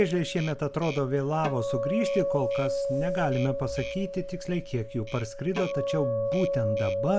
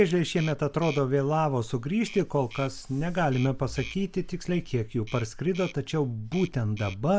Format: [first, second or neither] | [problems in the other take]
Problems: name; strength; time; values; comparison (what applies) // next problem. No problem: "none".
second | background sound (Acoustic guitar); 2 dB below the speech